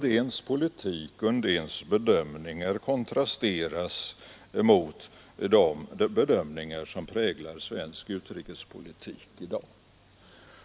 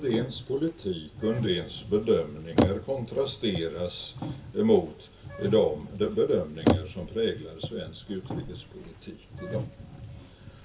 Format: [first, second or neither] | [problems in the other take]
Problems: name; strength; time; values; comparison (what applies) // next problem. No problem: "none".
first | background sound (Bicycle); 5 dB below the speech // room echo; dies away in 0.2 s